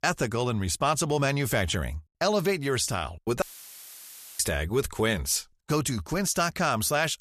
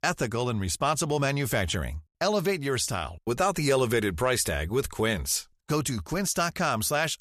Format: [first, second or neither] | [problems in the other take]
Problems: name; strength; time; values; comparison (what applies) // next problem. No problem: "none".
second | audio cutting out; filled with static; at 3.5 s for 1 s